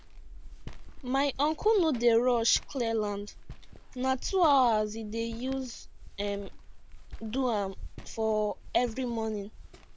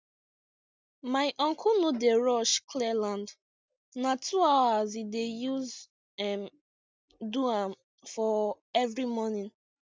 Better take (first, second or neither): second